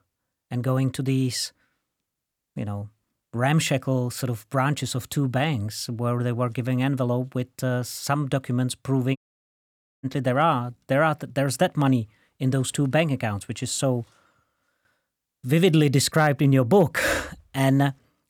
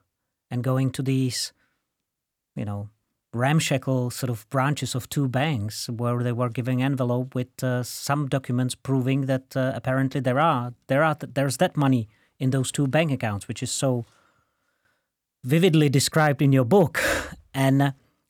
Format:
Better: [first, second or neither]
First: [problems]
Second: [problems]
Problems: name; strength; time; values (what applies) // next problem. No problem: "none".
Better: second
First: audio cutting out; at 9 s for 1 s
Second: none